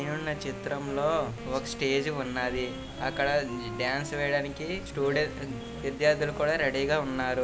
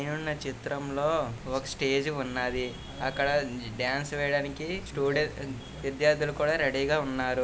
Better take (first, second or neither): second